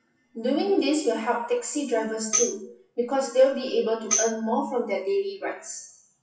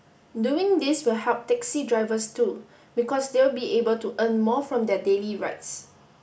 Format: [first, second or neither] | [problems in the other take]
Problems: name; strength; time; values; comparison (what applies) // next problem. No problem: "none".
second | noise reduction (classical method WPE with log-MMSE)